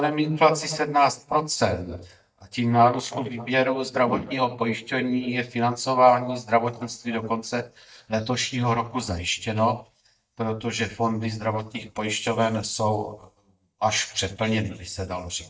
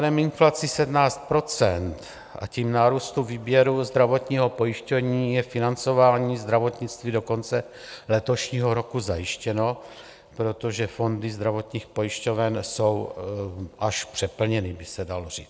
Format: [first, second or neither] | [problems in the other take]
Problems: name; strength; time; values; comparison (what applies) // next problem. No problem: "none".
second | noise reduction (neural mask model DeepFilterNet 3)